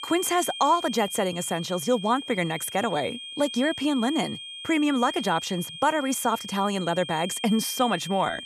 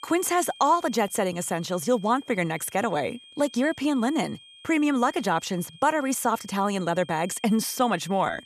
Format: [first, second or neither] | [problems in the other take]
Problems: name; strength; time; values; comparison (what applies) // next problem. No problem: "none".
second | high-pitched whine; loud; throughout; 3 kHz, 10 dB below the speech; faint in the second